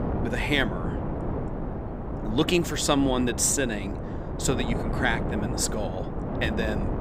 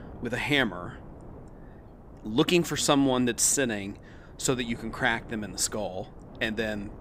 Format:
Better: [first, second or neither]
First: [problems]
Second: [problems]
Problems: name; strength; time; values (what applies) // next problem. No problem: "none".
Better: second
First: wind noise on the microphone; heavy; 8 dB below the speech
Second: wind noise on the microphone; occasional gusts; 25 dB below the speech